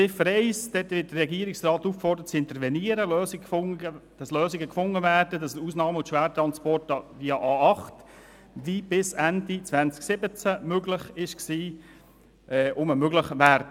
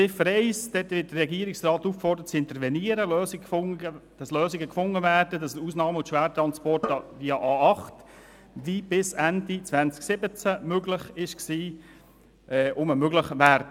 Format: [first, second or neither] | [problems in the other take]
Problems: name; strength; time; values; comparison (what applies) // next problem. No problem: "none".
first | background sound (Drum); 13 dB below the speech